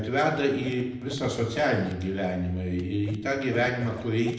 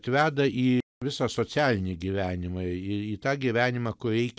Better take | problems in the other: second | background sound (Scratching (performance technique)); 14 dB below the speech // room echo; dies away in 0.8 s

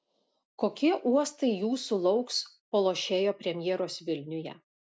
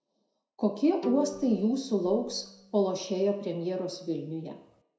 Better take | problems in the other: first | background sound (Bowed string instrument); 16 dB below the speech // room echo; dies away in 0.6 s

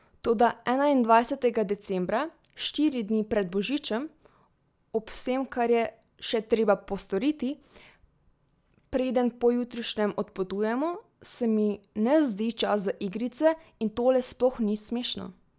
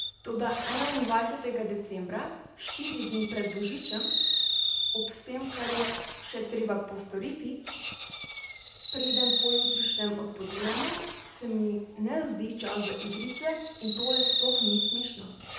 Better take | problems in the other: first | background sound (Fireworks); 2 dB above the speech // room echo; dies away in 0.9 s

